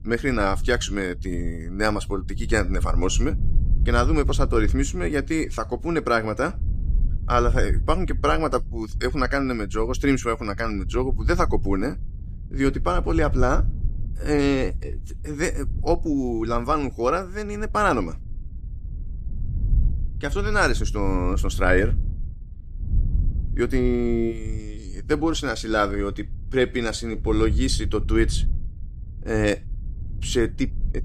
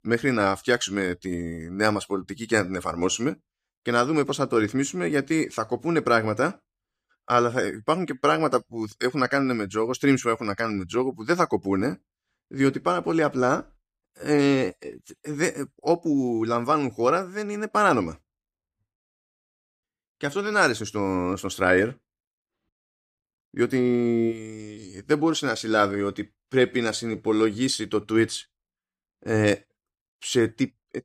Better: second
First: low rumble; faint; throughout; 20 dB below the speech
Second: none

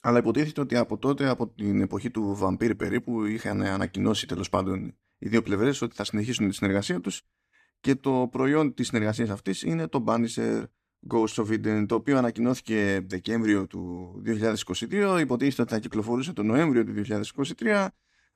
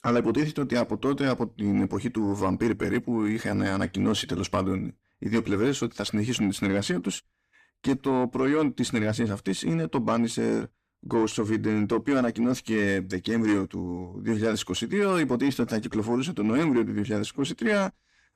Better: first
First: none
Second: distortion; slight; 10 dB below the speech

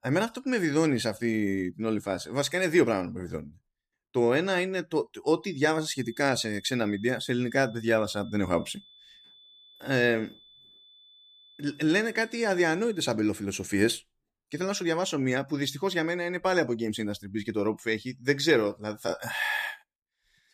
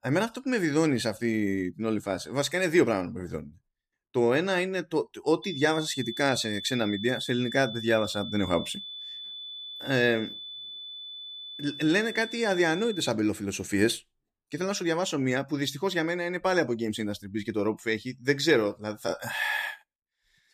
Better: first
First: high-pitched whine; faint; from 5.5 to 13 s; 3.5 kHz, 25 dB below the speech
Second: high-pitched whine; loud; from 5.5 to 13 s; 3.5 kHz, 10 dB below the speech

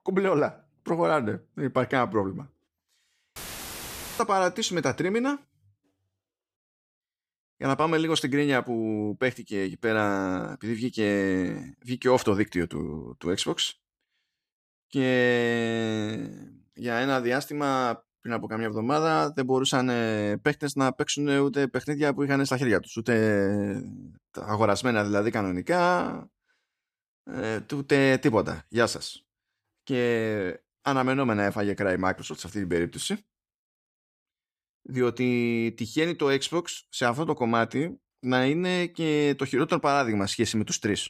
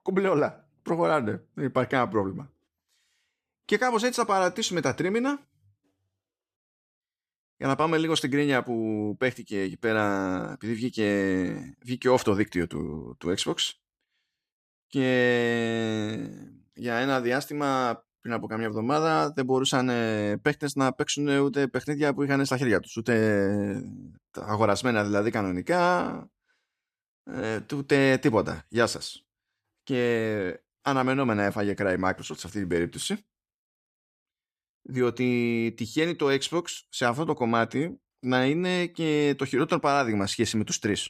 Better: second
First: audio cutting out; filled with static; at 3.5 s for 1 s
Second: none

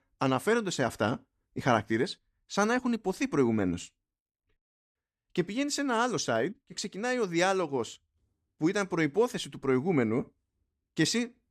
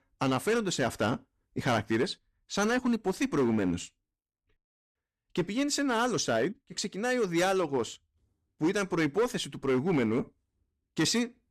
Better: first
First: none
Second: distortion; slight; 6% of the sound clipped

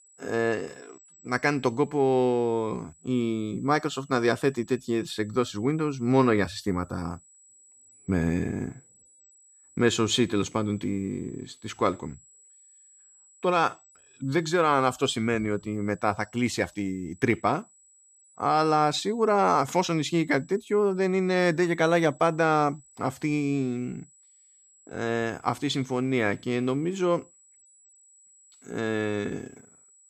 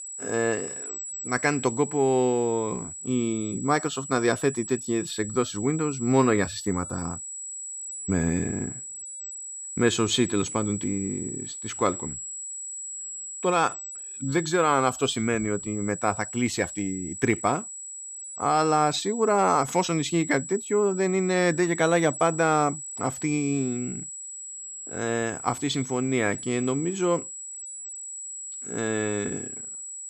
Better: first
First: high-pitched whine; faint; throughout; 8 kHz, 30 dB below the speech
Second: high-pitched whine; loud; throughout; 8 kHz, 9 dB below the speech

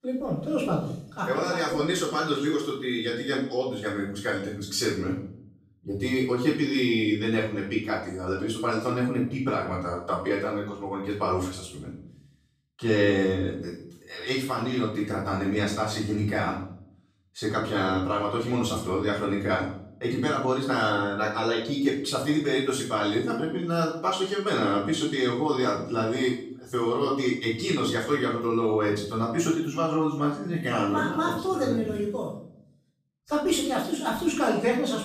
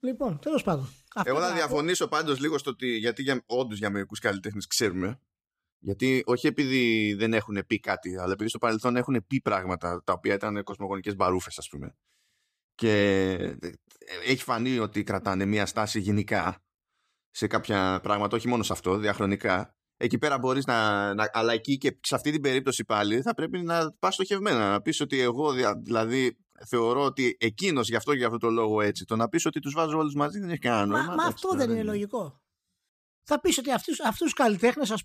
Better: second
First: off-mic speech; far // room echo; noticeable; dies away in 0.6 s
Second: none

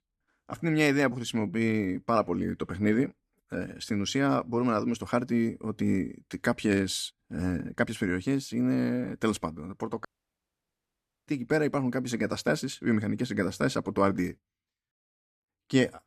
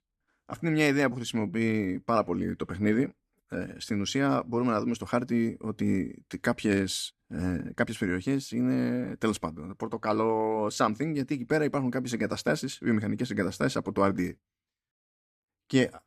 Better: second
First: audio cutting out; at 10 s for 1 s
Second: none

